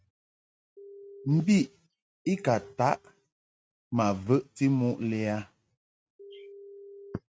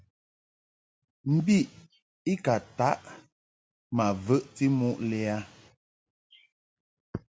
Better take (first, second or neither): second